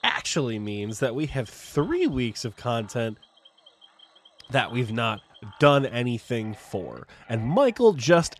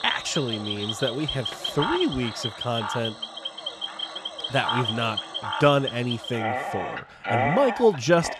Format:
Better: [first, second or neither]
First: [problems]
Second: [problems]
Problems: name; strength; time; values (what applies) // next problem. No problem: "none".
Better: first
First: animal sounds; faint; throughout; 25 dB below the speech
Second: animal sounds; loud; throughout; 4 dB below the speech